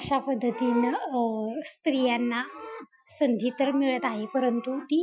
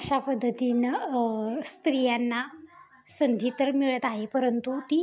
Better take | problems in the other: second | noise reduction (classical method Wiener filter)

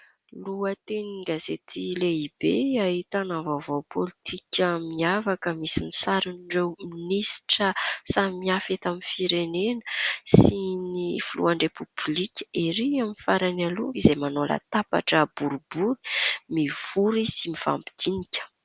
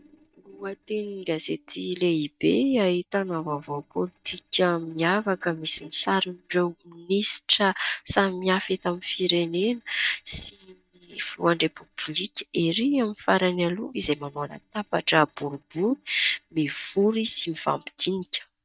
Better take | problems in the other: first | noise reduction (neural mask model DeepFilterNet 3)

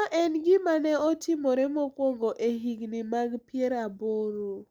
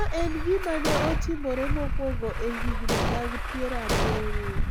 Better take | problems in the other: first | background sound (Truck + Explosion); 4 dB above the speech

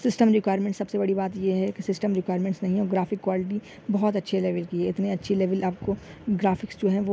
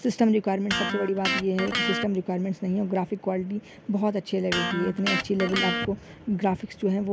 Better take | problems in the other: first | background sound (Electric guitar); 5 dB below the speech

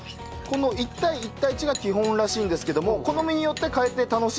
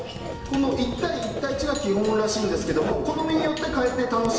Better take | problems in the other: first | background sound (Writing); 11 dB below the speech // room echo; dies away in 1 s

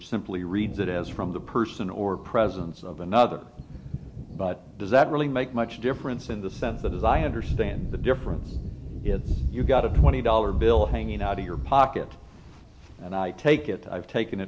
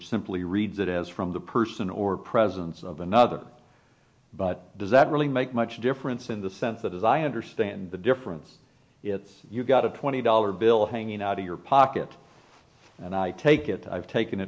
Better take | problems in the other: second | background sound (Thunder); 4 dB below the speech

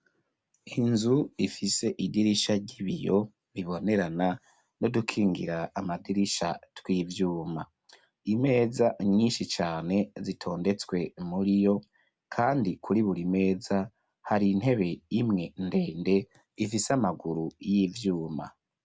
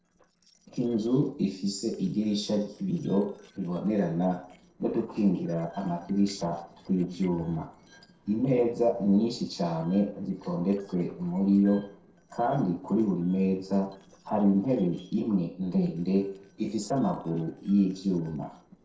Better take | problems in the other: first | noise reduction (neural separator model SepFormer DNS4)

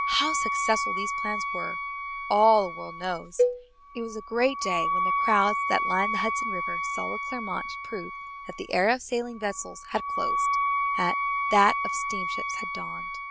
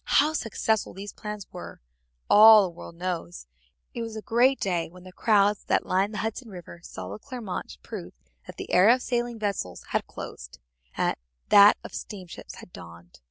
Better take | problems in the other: second | background sound (Wind instrument, woodwind instrument + Cowbell); as loud as the speech

